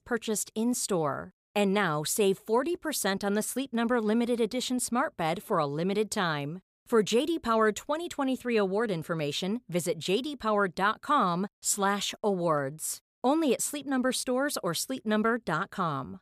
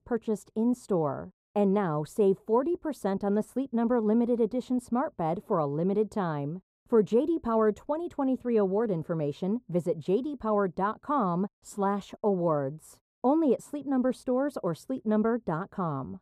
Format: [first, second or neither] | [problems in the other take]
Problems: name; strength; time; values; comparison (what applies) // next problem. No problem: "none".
first | muffled; very; fading above 1.5 kHz